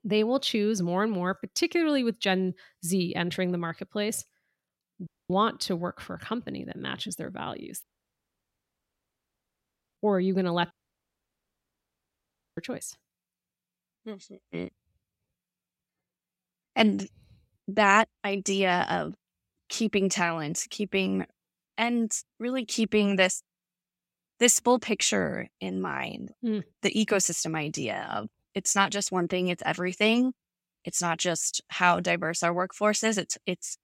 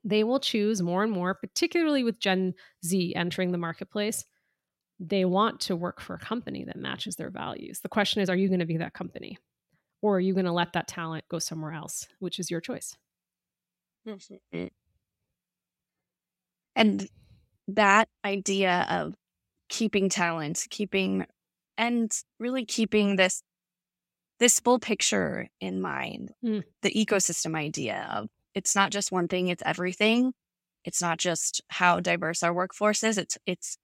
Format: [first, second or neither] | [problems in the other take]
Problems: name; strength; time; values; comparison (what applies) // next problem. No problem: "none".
second | audio cutting out; at 5 s, at 8 s for 2 s and at 11 s for 2 s